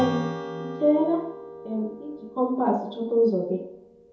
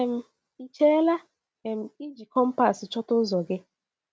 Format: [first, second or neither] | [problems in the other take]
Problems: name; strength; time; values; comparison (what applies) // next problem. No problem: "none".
second | background sound (Strum); 10 dB below the speech // room echo; dies away in 2.5 s